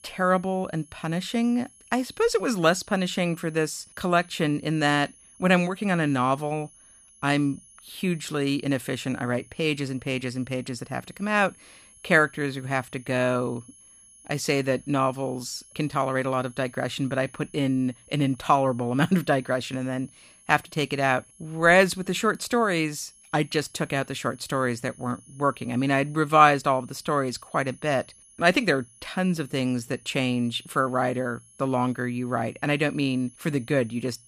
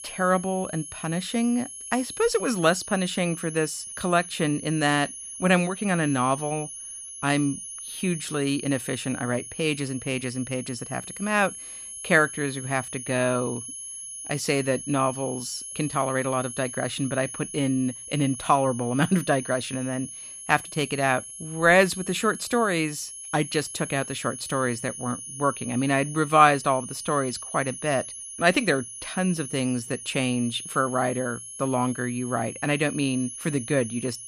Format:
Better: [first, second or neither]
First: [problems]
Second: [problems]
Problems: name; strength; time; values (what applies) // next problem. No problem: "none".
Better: first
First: high-pitched whine; faint; throughout; 10.5 kHz, 25 dB below the speech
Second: high-pitched whine; loud; throughout; 10.5 kHz, 10 dB below the speech